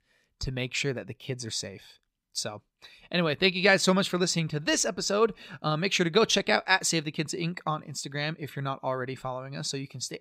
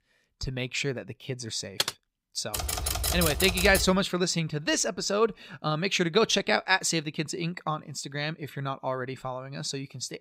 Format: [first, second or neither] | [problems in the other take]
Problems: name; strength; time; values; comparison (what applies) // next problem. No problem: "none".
first | keyboard typing; noticeable; at 2 s; peak 2 dB below the speech // keyboard typing; loud; from 2.5 to 4 s; peak 1 dB above the speech